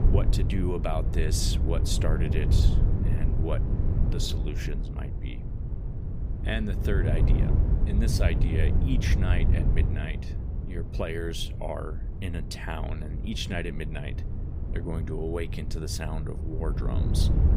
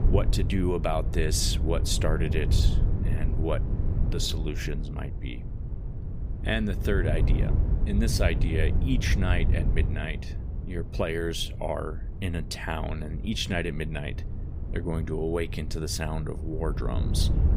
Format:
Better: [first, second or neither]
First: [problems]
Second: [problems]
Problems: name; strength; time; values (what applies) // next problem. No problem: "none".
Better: second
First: wind noise on the microphone; heavy; 6 dB below the speech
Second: wind noise on the microphone; occasional gusts; 10 dB below the speech